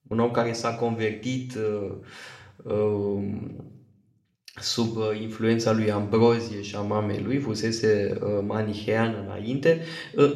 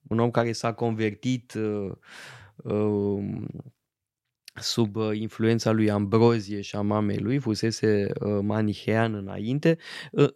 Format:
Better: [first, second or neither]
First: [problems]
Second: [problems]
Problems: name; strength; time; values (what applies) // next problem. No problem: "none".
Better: second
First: room echo; slight; dies away in 0.6 s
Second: none